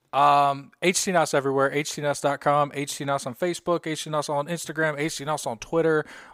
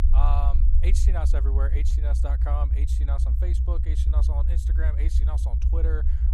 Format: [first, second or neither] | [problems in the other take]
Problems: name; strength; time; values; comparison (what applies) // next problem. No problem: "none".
first | low rumble; loud; throughout; 5 dB below the speech